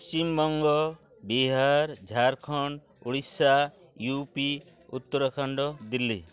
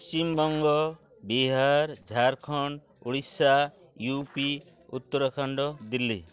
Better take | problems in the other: first | noise reduction (neural separator model SepFormer DNS4)

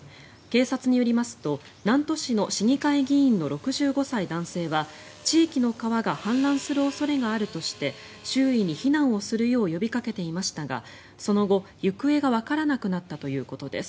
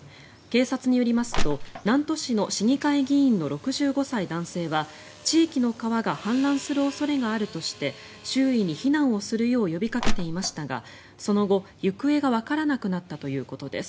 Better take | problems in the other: first | background sound (Crushing); 2 dB above the speech

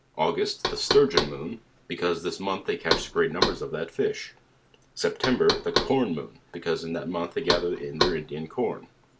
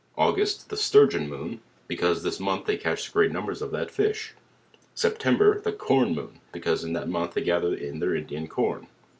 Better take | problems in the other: second | background sound (Knock); 4 dB below the speech

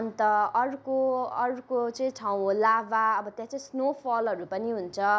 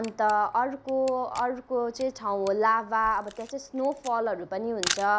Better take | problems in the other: first | background sound (Camera); 14 dB below the speech

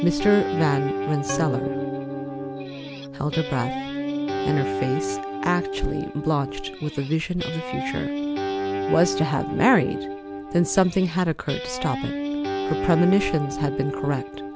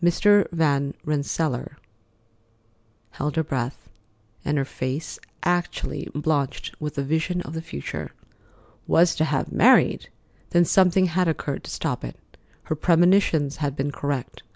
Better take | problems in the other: second | background sound (Organ + Guitar); 3 dB below the speech

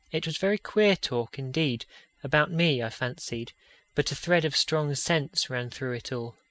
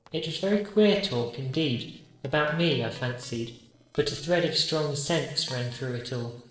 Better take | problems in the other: first | noise reduction (neural separator model SepFormer DNS4)

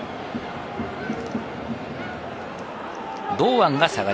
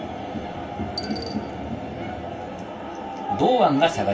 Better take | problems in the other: first | background sound (Coin (dropping)); 18 dB below the speech // room echo; dies away in 0.2 s

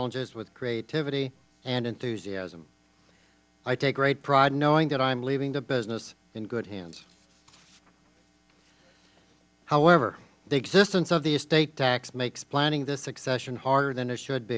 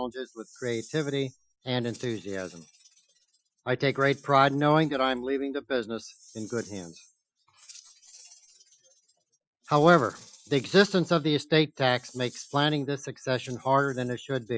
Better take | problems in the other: first | noise reduction (classical method Wiener filter)

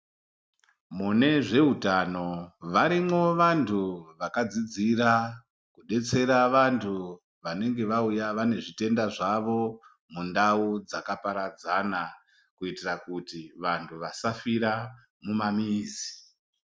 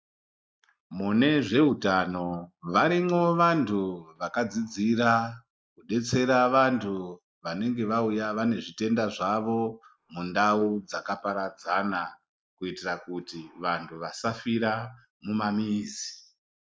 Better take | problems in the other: first | noise reduction (neural mask model Resemble Enhance denoiser)

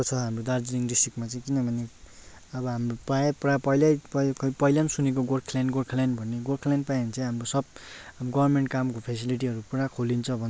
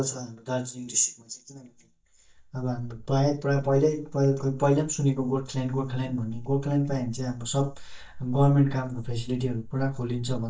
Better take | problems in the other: first | noise reduction (neural mask model DeepFilterNet 3)

